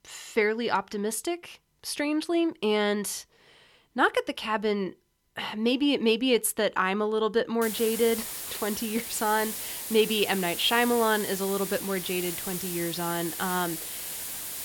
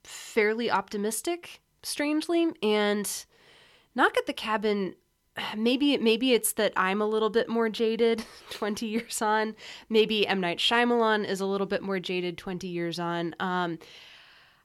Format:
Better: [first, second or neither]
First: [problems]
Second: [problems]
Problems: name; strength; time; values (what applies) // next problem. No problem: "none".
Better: second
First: hiss; loud; from 7.5 s on; 6 dB below the speech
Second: none